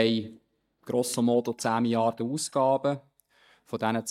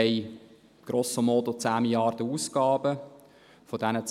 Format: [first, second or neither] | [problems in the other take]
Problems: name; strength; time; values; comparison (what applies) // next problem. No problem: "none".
second | noise reduction (neural mask model DeepFilterNet 3)